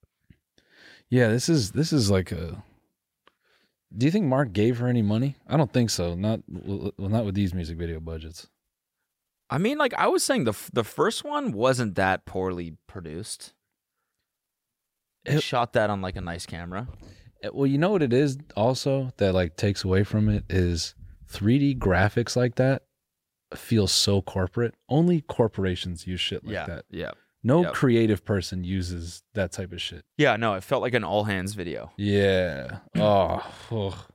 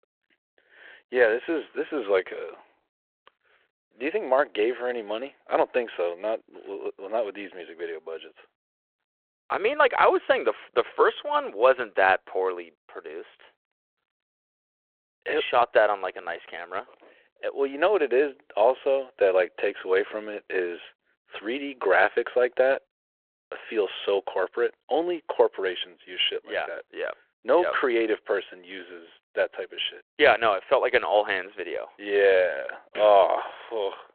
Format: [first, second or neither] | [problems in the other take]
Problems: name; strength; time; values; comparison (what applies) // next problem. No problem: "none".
first | phone-call audio